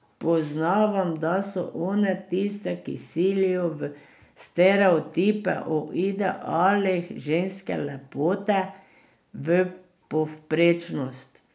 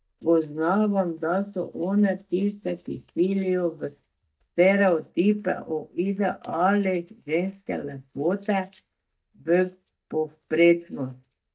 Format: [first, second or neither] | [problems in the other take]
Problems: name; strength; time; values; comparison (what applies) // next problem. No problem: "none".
first | noise reduction (neural mask model DeepFilterNet 3)